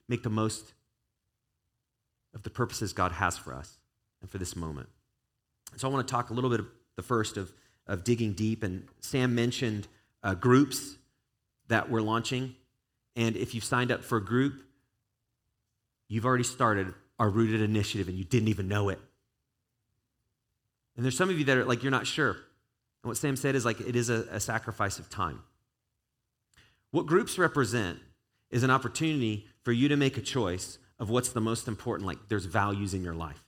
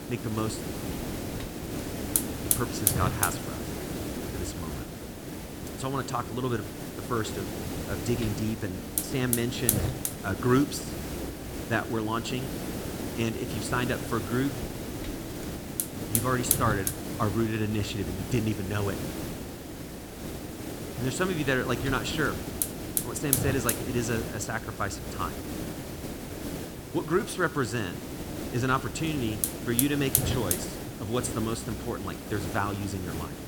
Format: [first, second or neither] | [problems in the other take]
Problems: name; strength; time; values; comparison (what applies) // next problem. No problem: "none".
first | hiss; loud; throughout; 2 dB below the speech